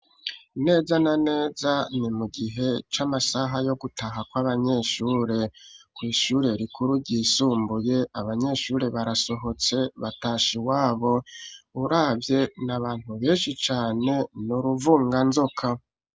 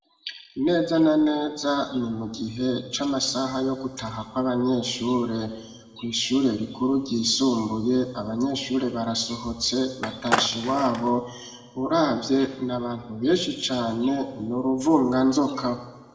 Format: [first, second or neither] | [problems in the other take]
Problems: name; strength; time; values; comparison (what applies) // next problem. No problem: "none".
first | background sound (Skateboard); 4 dB below the speech // room echo; dies away in 1.3 s